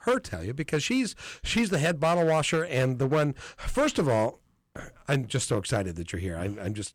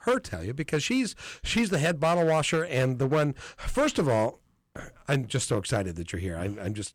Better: neither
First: distortion; slight; 5% of the sound clipped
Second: distortion; slight; 5% of the sound clipped

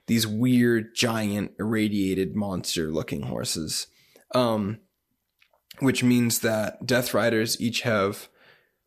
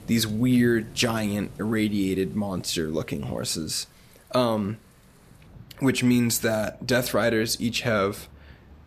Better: first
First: none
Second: rain or running water; faint; throughout; 20 dB below the speech

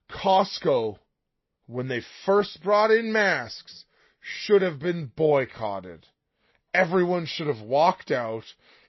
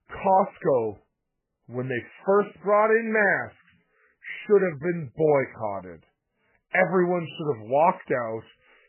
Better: first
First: garbled, watery; slightly; nothing above 5.5 kHz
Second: garbled, watery; badly

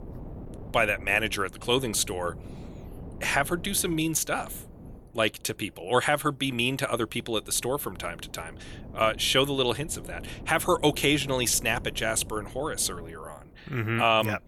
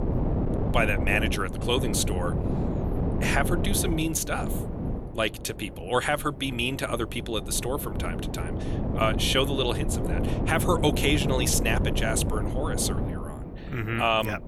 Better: first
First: wind noise on the microphone; occasional gusts; 25 dB below the speech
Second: wind noise on the microphone; heavy; 8 dB below the speech

